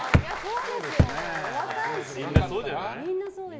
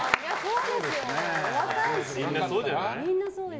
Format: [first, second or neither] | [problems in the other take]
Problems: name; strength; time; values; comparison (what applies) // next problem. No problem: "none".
second | background sound (Thump, thud); 5 dB above the speech